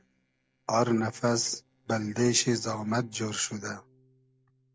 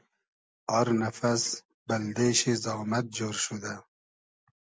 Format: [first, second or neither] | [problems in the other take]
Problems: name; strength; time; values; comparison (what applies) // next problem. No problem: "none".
second | noise reduction (neural separator model SepFormer DNS4)